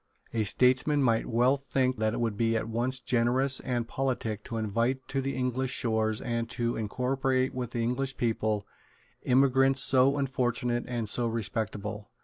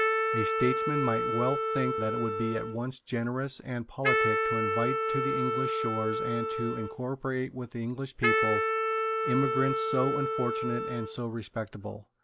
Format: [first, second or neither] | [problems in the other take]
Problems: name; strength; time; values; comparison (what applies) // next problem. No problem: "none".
first | background sound (Wind instrument, woodwind instrument); 2 dB above the speech